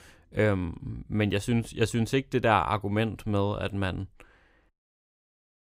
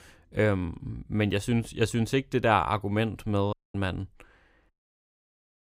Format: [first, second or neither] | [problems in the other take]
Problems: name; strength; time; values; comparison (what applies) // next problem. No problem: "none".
first | audio cutting out; at 3.5 s